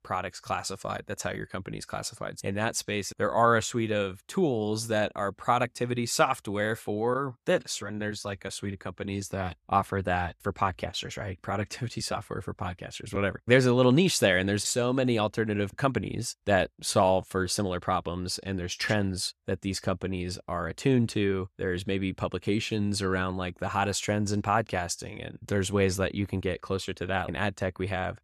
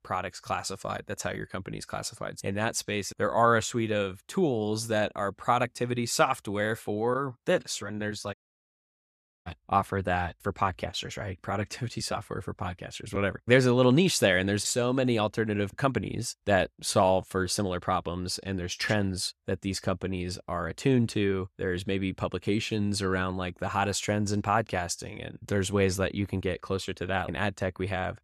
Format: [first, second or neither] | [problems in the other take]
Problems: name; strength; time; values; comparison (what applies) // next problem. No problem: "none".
first | audio cutting out; at 8.5 s for 1 s